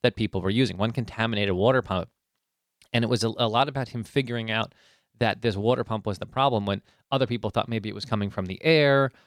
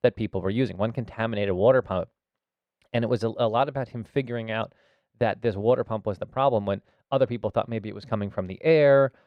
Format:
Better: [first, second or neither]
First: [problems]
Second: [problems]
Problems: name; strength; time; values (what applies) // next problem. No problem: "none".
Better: first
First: none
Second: muffled; very; fading above 3 kHz